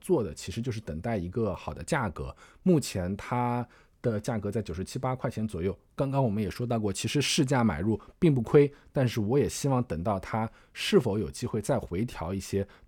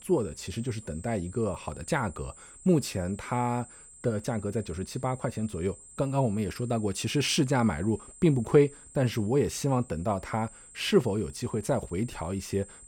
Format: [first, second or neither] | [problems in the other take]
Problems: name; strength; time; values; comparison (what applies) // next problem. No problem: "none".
first | high-pitched whine; noticeable; throughout; 8 kHz, 20 dB below the speech